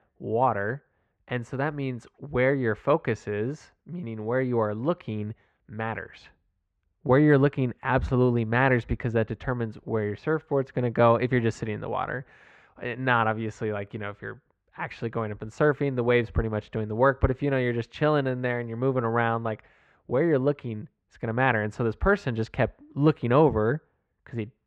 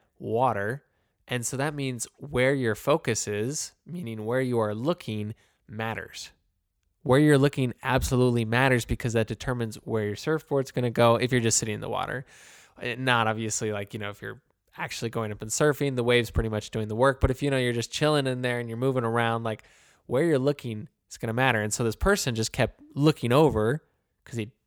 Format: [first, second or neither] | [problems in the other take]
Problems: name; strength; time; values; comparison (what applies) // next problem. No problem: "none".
second | muffled; very; fading above 1.5 kHz